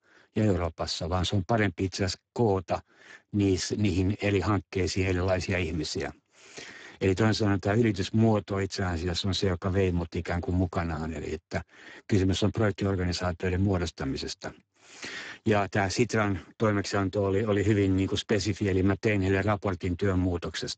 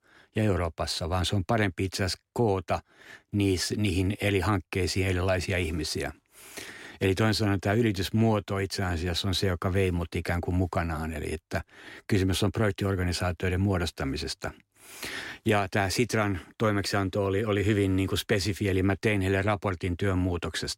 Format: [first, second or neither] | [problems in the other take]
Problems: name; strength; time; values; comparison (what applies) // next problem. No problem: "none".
second | garbled, watery; badly; nothing above 7.5 kHz